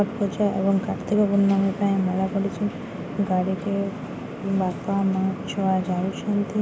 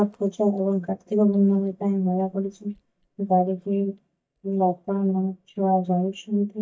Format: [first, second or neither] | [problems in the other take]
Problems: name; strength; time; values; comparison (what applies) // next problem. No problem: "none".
first | noise reduction (neural mask model DeepFilterNet 3)